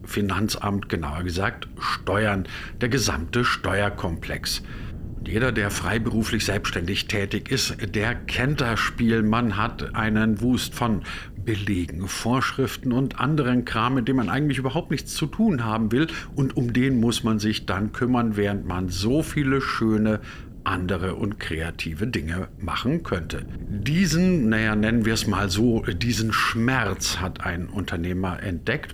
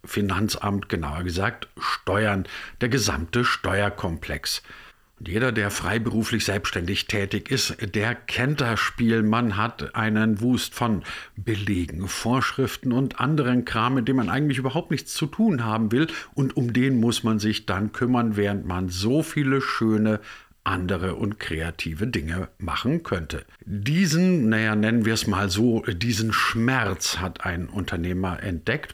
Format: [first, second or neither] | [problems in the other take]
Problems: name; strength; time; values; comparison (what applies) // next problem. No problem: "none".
second | wind noise on the microphone; occasional gusts; 25 dB below the speech